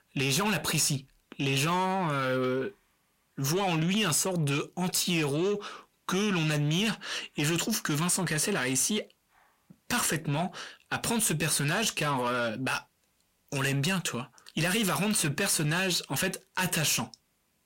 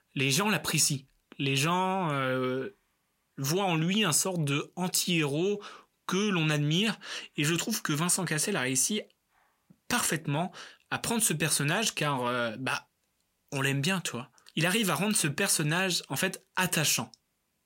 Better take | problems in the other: second | distortion; slight; 10 dB below the speech

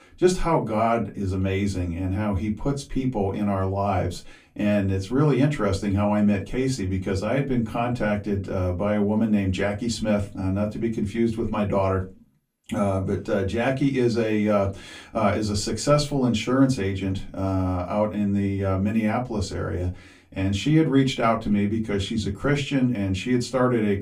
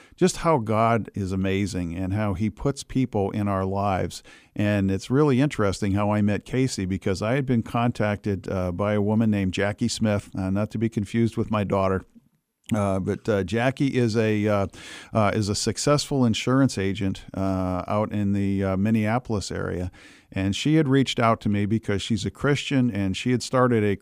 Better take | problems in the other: second | off-mic speech; far // room echo; very slight; dies away in 0.2 s

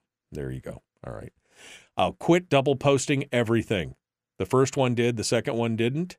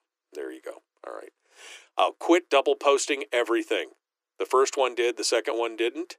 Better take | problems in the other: first | thin; very; fading below 300 Hz

